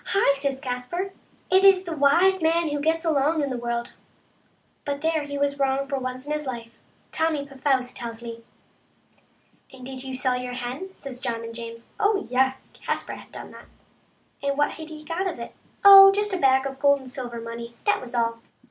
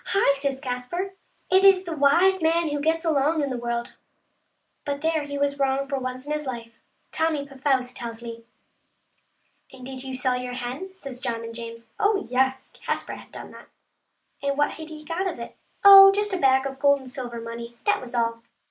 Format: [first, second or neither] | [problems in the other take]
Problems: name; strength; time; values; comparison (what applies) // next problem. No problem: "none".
first | noise reduction (neural mask model Resemble Enhance denoiser)